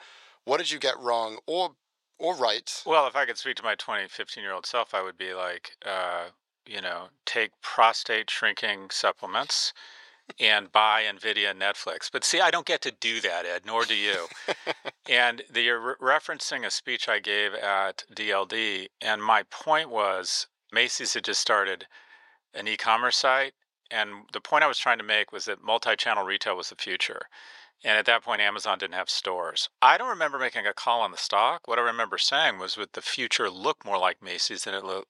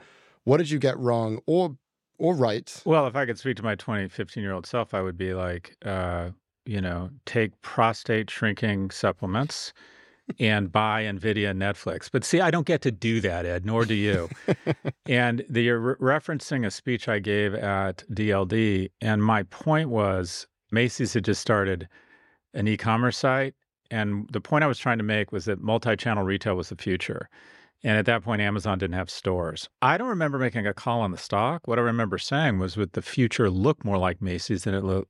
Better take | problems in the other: second | thin; very; fading below 800 Hz

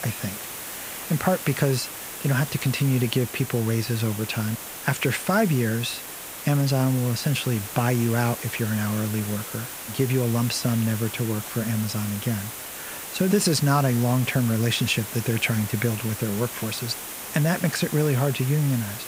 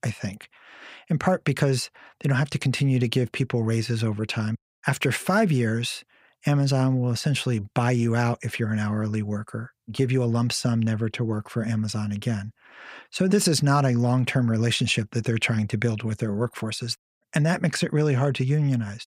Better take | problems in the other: second | hiss; loud; throughout; 9 dB below the speech

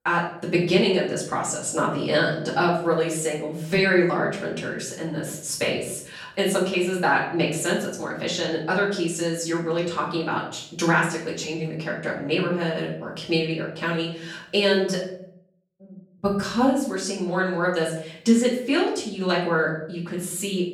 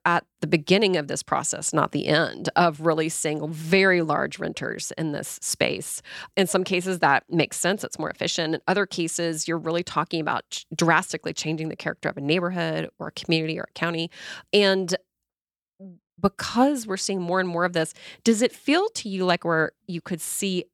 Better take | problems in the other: second | off-mic speech; far // room echo; noticeable; dies away in 0.6 s

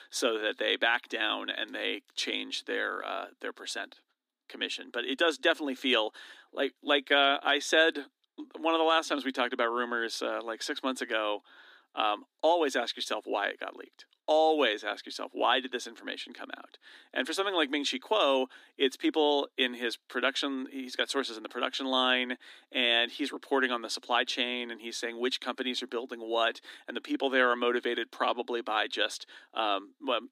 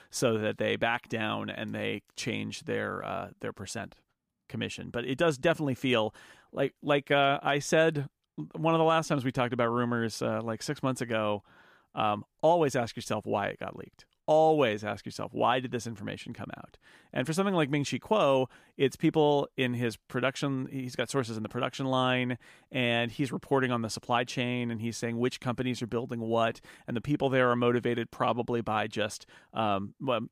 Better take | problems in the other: second | thin; very slightly; fading below 250 Hz

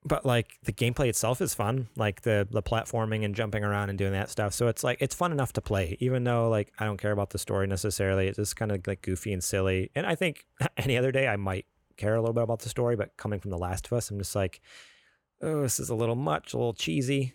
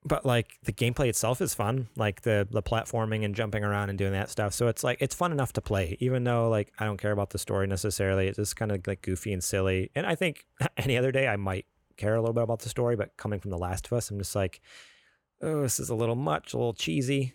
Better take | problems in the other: neither | none

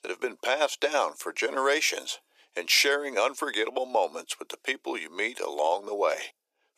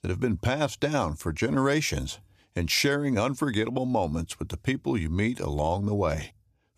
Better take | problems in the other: second | thin; very; fading below 400 Hz

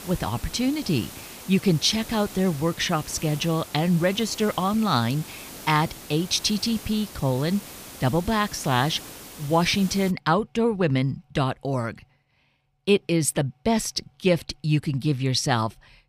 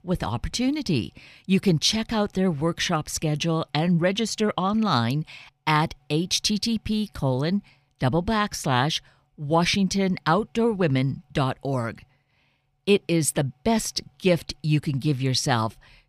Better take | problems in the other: second | hiss; noticeable; until 10 s; 15 dB below the speech

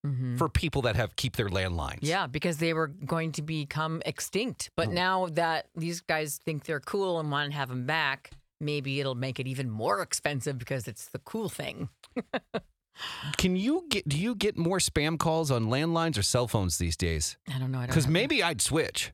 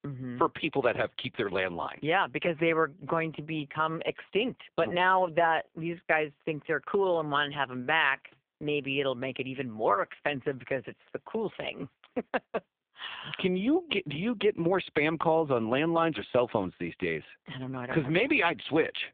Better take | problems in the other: first | phone-call audio; poor line

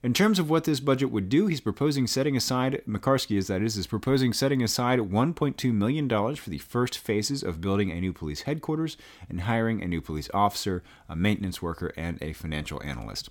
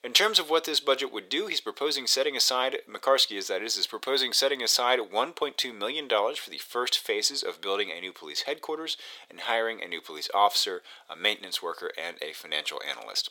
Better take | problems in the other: first | thin; very; fading below 500 Hz

